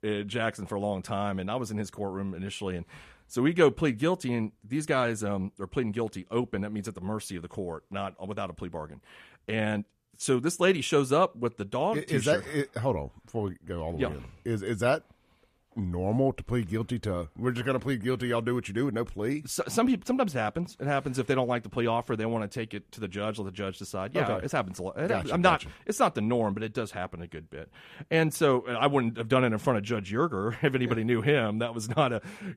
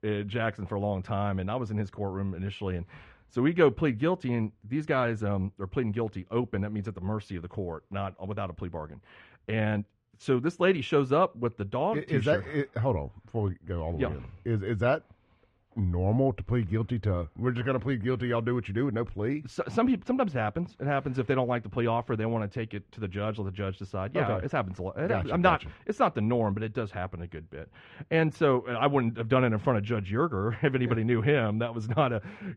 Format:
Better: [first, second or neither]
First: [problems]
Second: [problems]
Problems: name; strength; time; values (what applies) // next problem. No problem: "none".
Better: first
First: none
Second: muffled; slightly; fading above 3 kHz